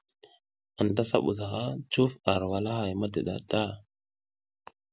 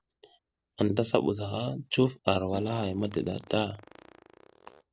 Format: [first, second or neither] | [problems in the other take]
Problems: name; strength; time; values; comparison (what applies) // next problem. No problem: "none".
first | noise reduction (neural separator model SepFormer DNS4)